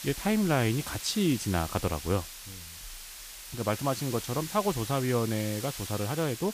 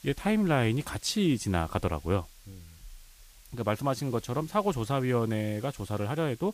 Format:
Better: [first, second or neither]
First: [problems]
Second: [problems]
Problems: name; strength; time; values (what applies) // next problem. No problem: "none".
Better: second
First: hiss; loud; throughout; 9 dB below the speech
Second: hiss; faint; throughout; 25 dB below the speech